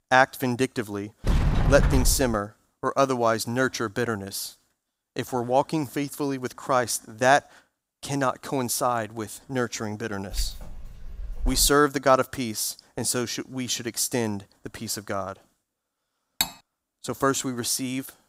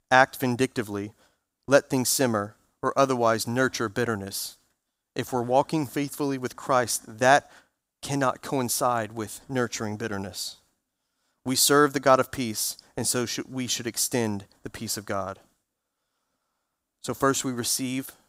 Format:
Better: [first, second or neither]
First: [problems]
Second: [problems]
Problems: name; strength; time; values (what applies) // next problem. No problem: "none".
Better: second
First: door banging; loud; from 1 to 2.5 s; peak 1 dB above the speech // jangling keys; noticeable; from 10 to 12 s; peak 8 dB below the speech // clattering dishes; noticeable; at 16 s; peak 2 dB below the speech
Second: none